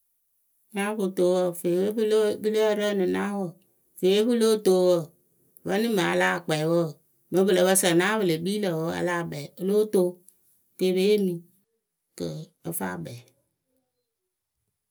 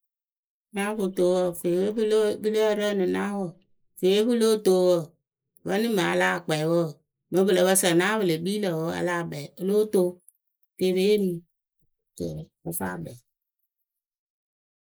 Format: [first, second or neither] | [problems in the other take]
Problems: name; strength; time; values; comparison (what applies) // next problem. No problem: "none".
first | noise reduction (neural mask model Resemble Enhance denoiser)